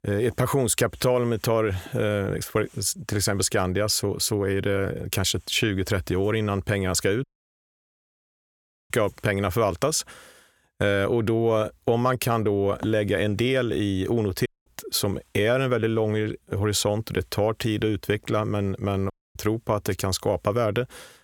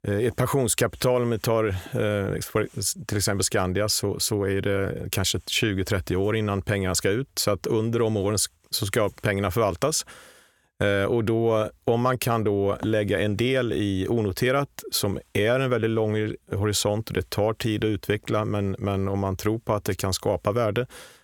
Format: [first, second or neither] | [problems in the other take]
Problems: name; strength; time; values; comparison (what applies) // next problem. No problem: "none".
second | audio cutting out; at 7 s for 1.5 s, at 14 s and at 19 s